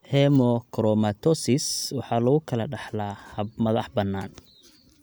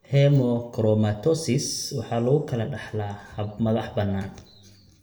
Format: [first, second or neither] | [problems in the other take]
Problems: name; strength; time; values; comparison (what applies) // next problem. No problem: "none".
first | room echo; dies away in 0.6 s